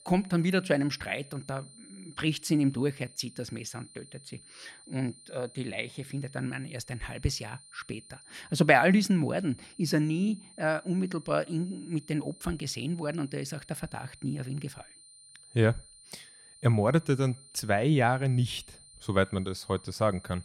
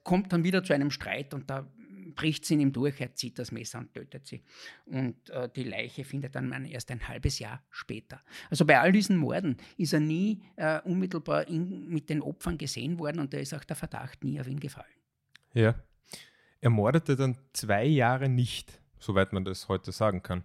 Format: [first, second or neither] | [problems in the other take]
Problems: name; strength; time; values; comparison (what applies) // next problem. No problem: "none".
second | high-pitched whine; faint; throughout; 9 kHz, 20 dB below the speech